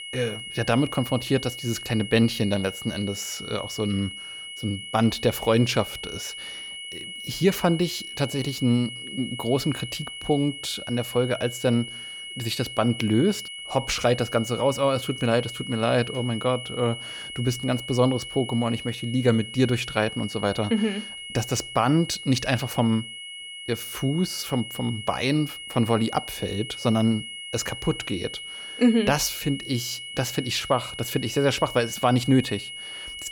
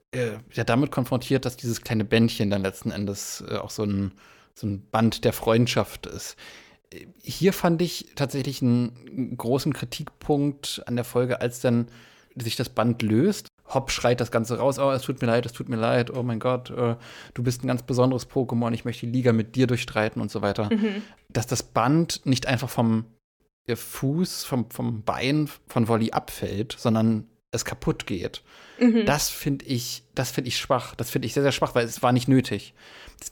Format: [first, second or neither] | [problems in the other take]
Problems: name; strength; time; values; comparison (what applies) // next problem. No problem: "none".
second | high-pitched whine; loud; throughout; 3 kHz, 9 dB below the speech